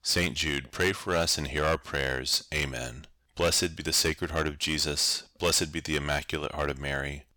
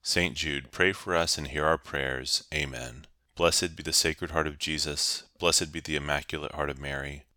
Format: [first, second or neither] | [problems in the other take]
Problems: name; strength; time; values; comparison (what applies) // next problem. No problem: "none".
second | distortion; heavy; 5% of the sound clipped